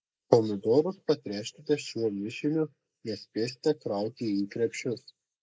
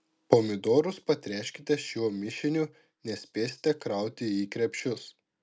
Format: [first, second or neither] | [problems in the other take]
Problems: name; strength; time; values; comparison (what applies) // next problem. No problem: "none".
second | noise reduction (neural mask model Resemble Enhance denoiser)